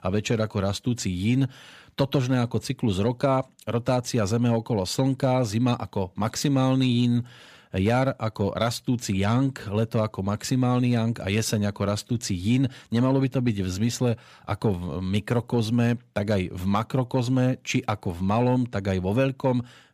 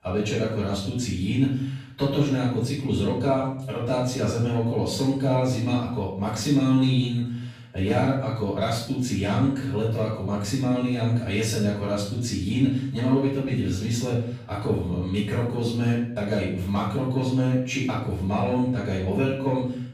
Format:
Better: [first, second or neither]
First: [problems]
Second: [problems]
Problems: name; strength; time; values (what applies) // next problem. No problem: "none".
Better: first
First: none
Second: room echo; noticeable; dies away in 0.6 s // off-mic speech; far